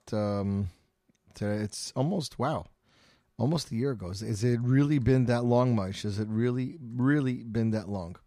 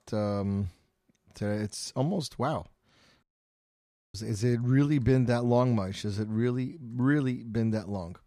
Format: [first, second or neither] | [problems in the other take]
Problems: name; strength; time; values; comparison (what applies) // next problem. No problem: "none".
first | audio cutting out; at 3 s for 1 s